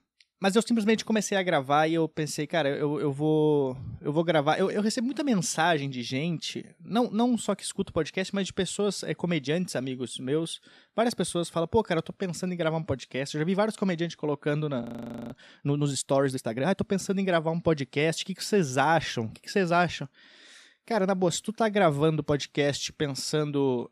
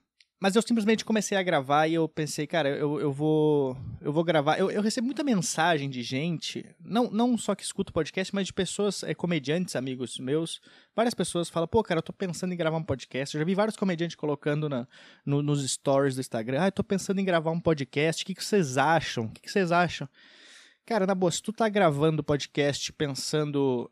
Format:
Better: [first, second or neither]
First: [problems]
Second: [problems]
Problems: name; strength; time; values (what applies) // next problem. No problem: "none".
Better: second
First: audio freezing; at 15 s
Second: none